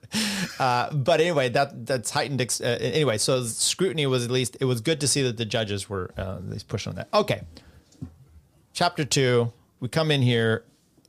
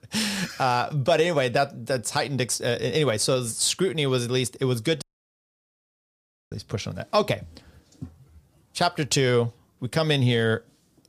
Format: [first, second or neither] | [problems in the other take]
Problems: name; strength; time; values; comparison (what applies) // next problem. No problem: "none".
first | audio cutting out; at 5 s for 1.5 s